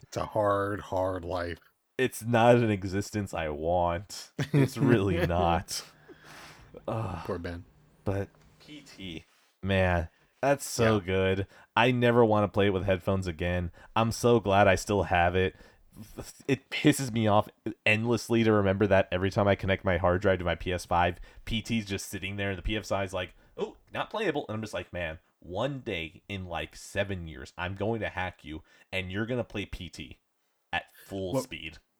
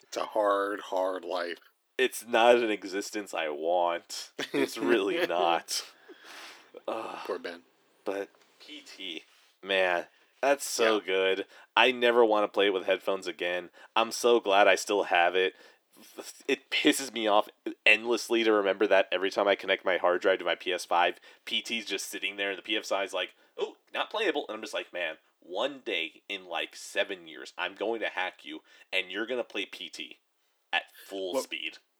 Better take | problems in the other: first | thin; somewhat; fading below 350 Hz

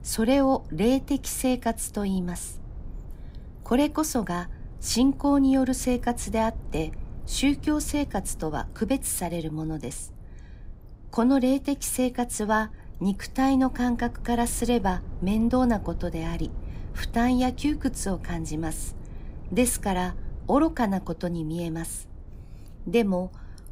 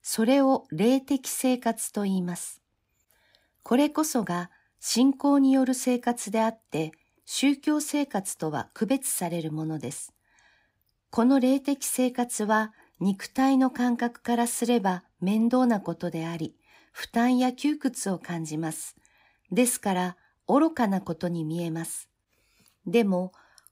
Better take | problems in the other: second | low rumble; faint; throughout; 25 dB below the speech

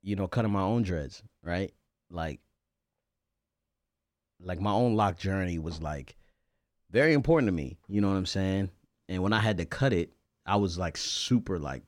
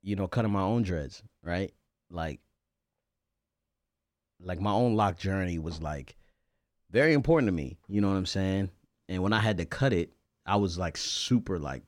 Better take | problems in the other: neither | none

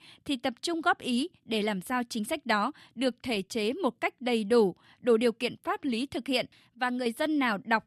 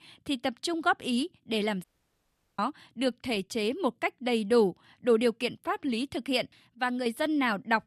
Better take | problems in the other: first | audio cutting out; at 2 s for 0.5 s

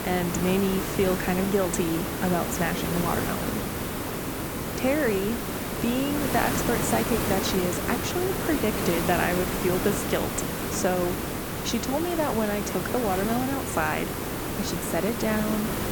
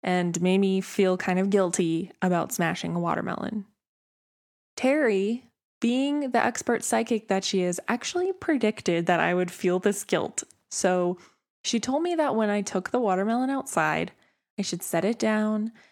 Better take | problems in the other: second | hiss; loud; throughout; 1 dB below the speech

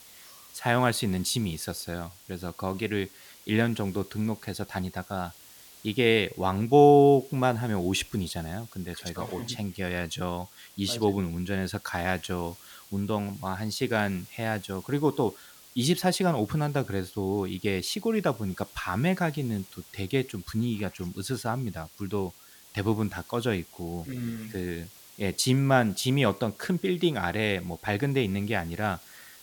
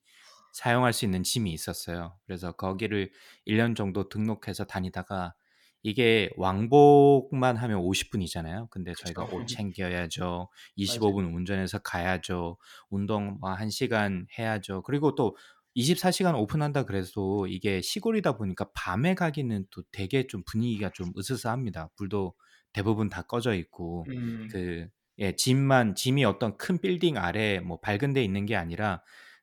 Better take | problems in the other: second | hiss; faint; throughout; 20 dB below the speech

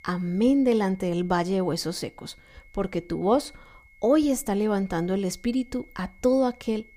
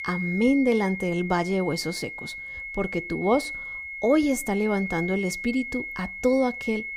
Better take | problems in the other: first | high-pitched whine; loud; throughout; 2 kHz, 8 dB below the speech; faint in the first

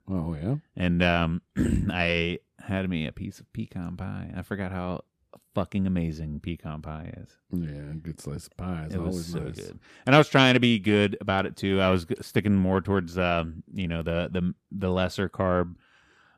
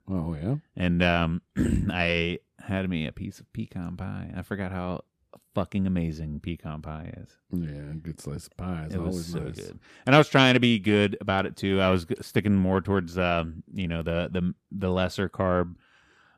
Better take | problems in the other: neither | none

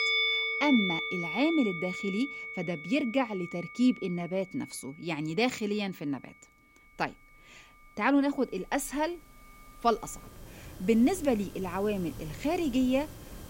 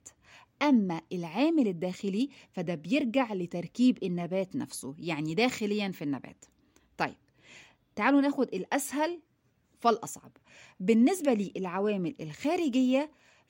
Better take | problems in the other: second | background music; loud; throughout; 4 dB below the speech

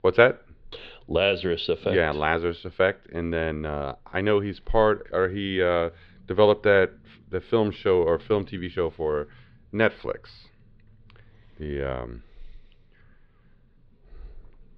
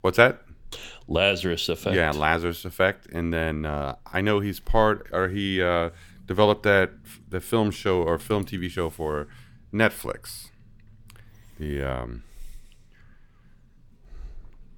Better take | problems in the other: second | muffled; very slightly; fading above 4 kHz

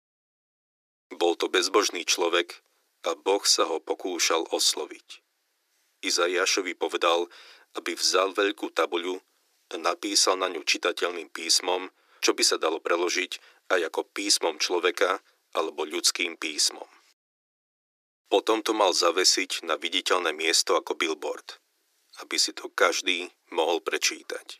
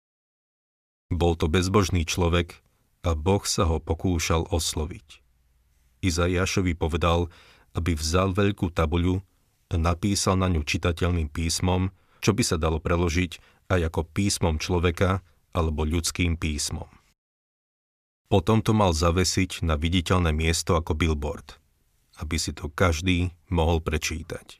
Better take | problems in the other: second | thin; very; fading below 300 Hz

